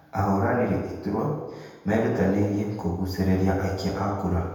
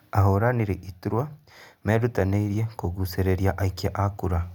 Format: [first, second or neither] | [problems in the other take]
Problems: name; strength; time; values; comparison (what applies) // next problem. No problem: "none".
second | room echo; dies away in 1.1 s